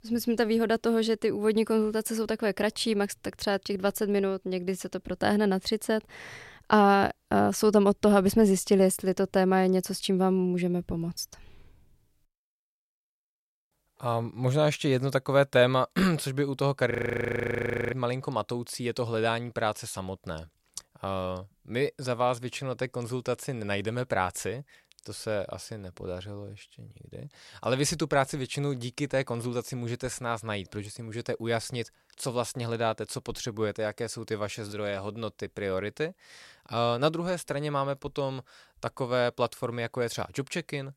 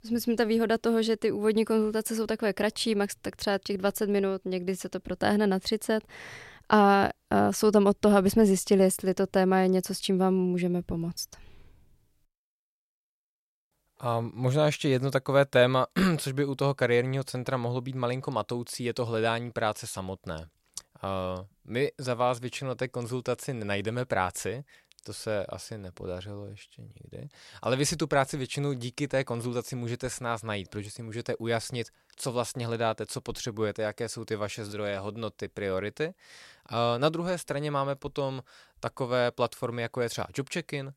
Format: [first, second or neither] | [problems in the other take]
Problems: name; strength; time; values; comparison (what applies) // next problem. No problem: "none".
second | audio freezing; at 17 s for 1 s